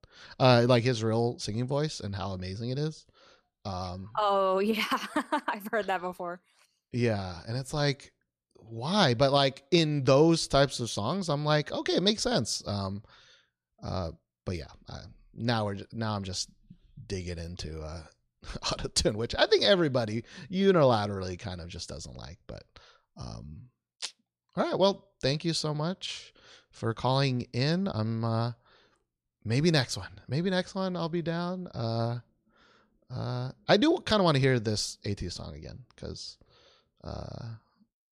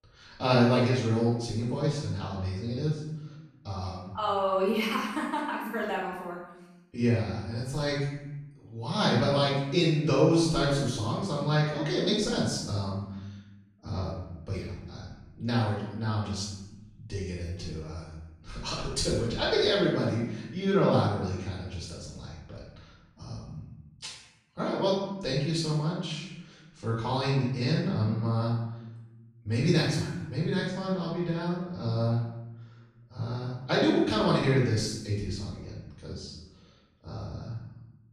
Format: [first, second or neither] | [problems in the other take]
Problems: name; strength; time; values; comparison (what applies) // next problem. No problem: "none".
first | off-mic speech; far // room echo; noticeable; dies away in 0.9 s